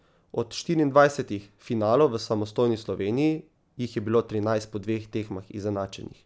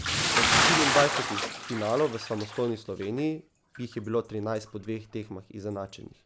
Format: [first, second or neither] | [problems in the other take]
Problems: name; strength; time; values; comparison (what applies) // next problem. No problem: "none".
first | background sound (Bathtub (filling or washing) / Splash, splatter); 1 dB above the speech